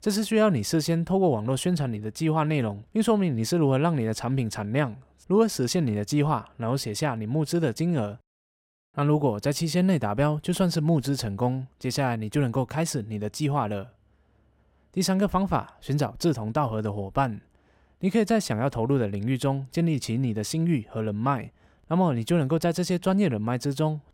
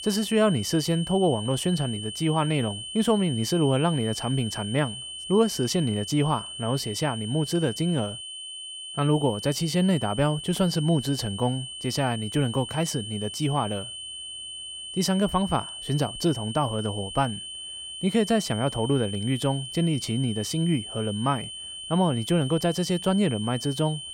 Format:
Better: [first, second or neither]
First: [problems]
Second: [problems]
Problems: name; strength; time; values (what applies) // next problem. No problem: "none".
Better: first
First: none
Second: high-pitched whine; loud; throughout; 3 kHz, 9 dB below the speech